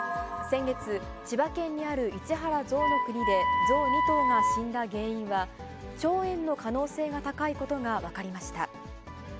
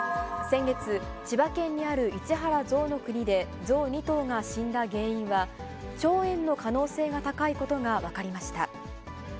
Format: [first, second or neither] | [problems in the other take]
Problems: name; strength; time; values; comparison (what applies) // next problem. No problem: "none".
second | background sound (Wind instrument, woodwind instrument); 2 dB above the speech